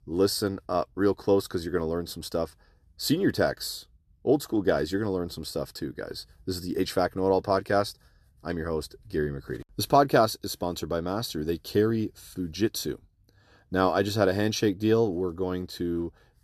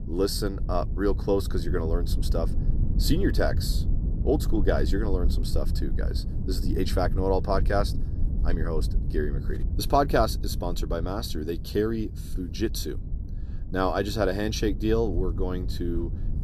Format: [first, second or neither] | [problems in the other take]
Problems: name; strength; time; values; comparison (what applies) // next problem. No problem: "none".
first | low rumble; noticeable; throughout; 15 dB below the speech